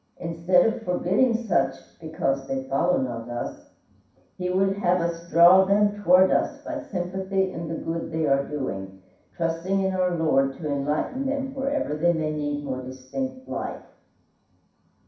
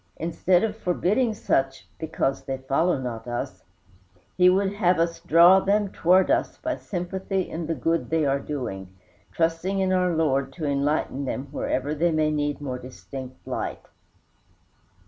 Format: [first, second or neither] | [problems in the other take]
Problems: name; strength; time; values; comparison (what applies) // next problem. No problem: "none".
second | room echo; dies away in 0.6 s